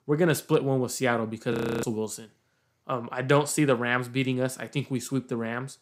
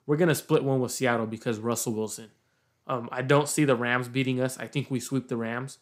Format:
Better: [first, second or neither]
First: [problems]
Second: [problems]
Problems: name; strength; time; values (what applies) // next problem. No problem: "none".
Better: second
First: audio freezing; at 1.5 s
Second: none